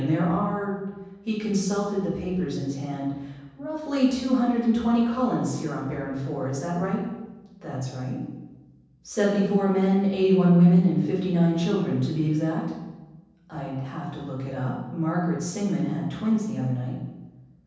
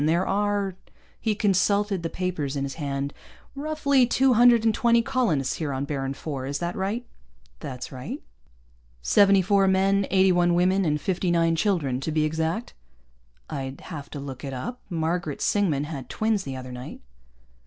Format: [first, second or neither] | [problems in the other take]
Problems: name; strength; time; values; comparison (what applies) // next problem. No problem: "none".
second | room echo; dies away in 1.1 s